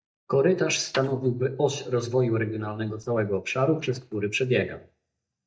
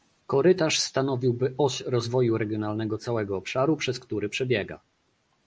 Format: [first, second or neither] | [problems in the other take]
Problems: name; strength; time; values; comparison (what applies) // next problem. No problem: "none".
second | noise reduction (neural mask model DeepFilterNet 3)